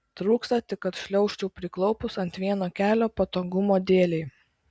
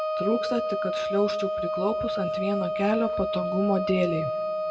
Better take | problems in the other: first | background sound (Wind instrument, woodwind instrument); as loud as the speech // room echo; dies away in 0.6 s

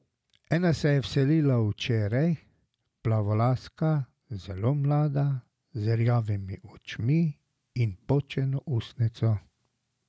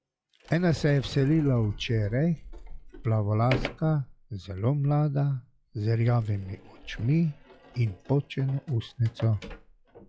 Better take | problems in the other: first | noise reduction (classical method log-MMSE)

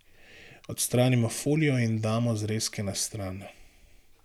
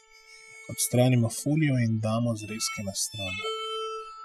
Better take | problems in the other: first | noise reduction (classical method spectral subtraction)

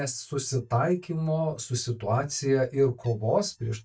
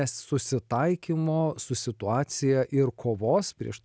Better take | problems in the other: second | noise reduction (neural mask model DeepFilterNet 3)

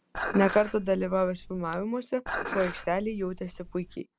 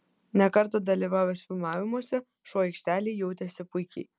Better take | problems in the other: second | background sound (Dishes, pots, and pans); 9 dB below the speech

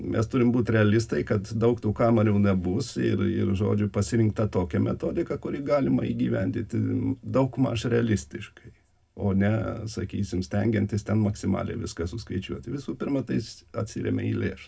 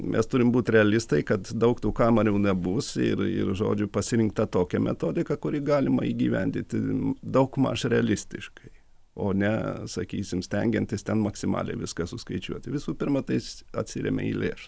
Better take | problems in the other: second | room echo; dies away in 0.2 s

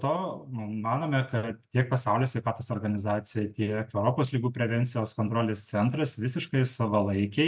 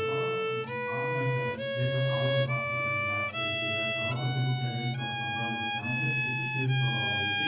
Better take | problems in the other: first | background sound (Bowed string instrument); 2 dB above the speech // room echo; dies away in 1.3 s

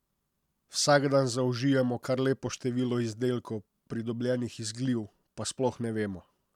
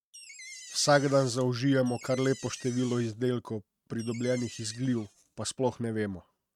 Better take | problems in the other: first | noise reduction (neural mask model RNNoise)

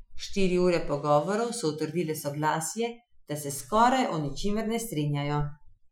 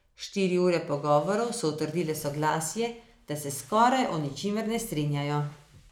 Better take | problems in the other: second | noise reduction (classical method Wiener filter)

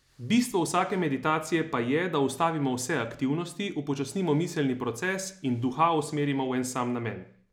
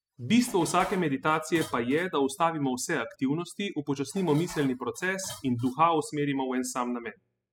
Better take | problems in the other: first | noise reduction (classical method spectral subtraction)

